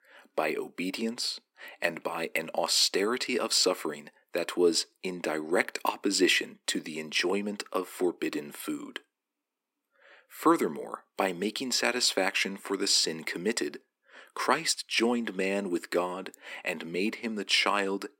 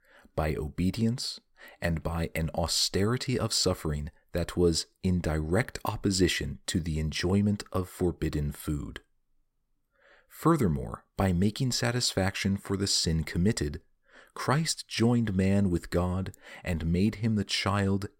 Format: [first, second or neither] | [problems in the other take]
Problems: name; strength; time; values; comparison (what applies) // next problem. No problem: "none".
second | thin; somewhat; fading below 250 Hz